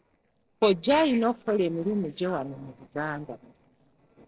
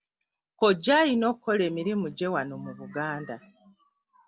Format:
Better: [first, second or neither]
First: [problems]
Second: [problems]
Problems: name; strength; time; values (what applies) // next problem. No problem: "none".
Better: second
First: noise reduction (neural separator model SepFormer DNS4)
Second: none